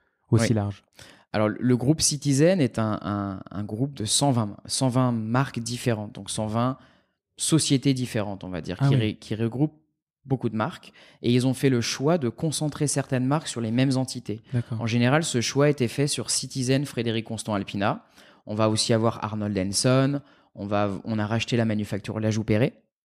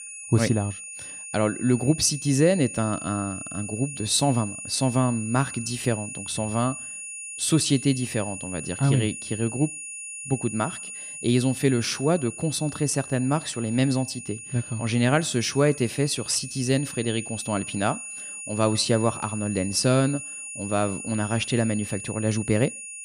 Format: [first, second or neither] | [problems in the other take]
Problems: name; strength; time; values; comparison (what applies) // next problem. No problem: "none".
first | high-pitched whine; loud; throughout; 9.5 kHz, 9 dB below the speech